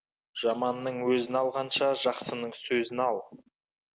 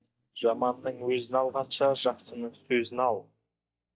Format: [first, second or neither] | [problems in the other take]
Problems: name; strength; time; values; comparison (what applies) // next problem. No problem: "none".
first | noise reduction (neural mask model DeepFilterNet 3)